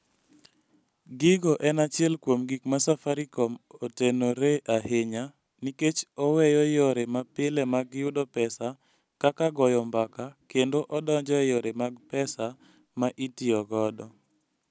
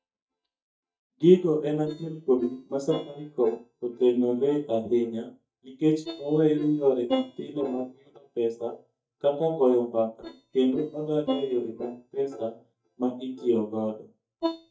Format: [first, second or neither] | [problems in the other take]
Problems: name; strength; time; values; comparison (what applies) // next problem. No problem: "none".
first | noise reduction (neural mask model DeepFilterNet 3)